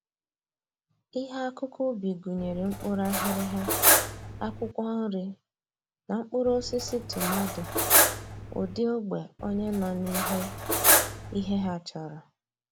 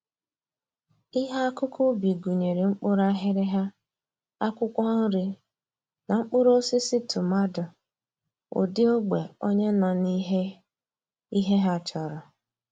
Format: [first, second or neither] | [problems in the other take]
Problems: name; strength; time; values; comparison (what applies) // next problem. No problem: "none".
second | background sound (Cutlery, silverware); 5 dB above the speech